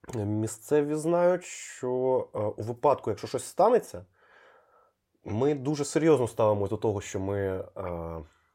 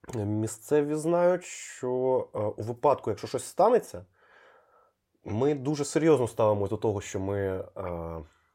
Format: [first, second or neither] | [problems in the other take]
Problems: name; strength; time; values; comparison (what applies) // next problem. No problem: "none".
neither | none